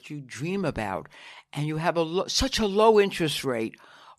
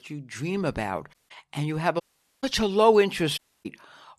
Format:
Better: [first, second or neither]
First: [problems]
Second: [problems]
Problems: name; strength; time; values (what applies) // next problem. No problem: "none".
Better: first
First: none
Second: audio cutting out; at 1 s, at 2 s and at 3.5 s